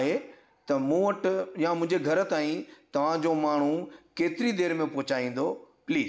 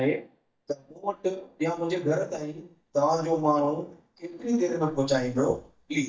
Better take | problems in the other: first | noise reduction (neural mask model DeepFilterNet 3)

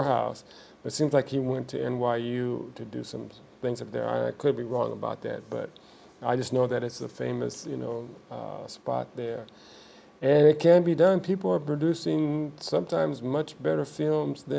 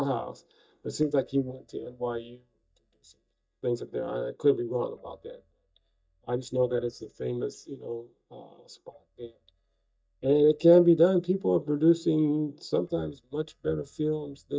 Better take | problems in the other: first | noise reduction (neural mask model DeepFilterNet 3)

